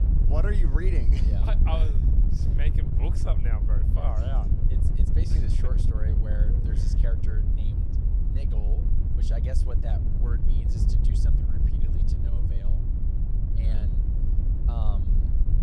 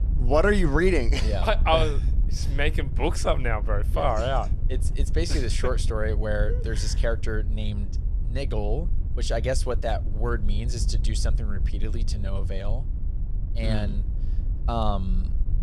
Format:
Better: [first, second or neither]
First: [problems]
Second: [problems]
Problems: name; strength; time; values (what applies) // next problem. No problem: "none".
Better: second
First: wind noise on the microphone; heavy; 1 dB below the speech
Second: wind noise on the microphone; occasional gusts; 20 dB below the speech